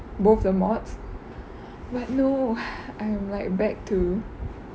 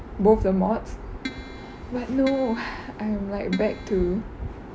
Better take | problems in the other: first | background sound (Keyboard (musical)); 13 dB below the speech

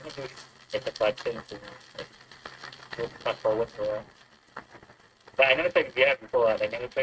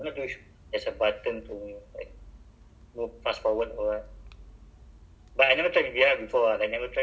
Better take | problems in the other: second | noise reduction (neural mask model RNNoise)

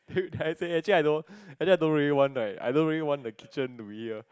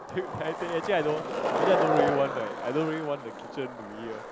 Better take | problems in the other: first | background sound (Skateboard); as loud as the speech

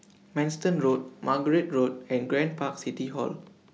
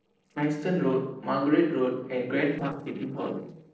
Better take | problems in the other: first | noise reduction (neural separator model SepFormer DNS4)

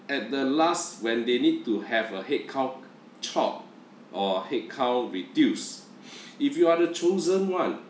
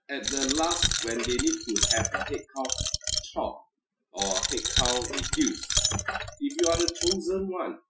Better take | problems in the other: first | noise reduction (classical method Wiener filter)

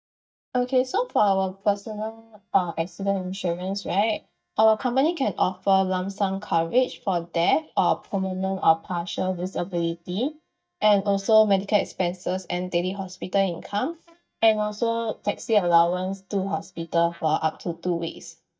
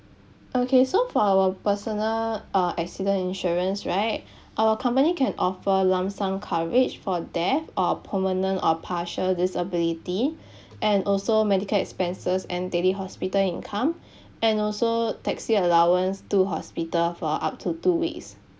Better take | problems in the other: second | noise reduction (neural mask model DeepFilterNet 3)

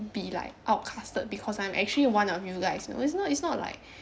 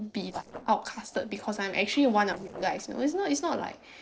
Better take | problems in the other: first | noise reduction (neural separator model SepFormer DNS4)

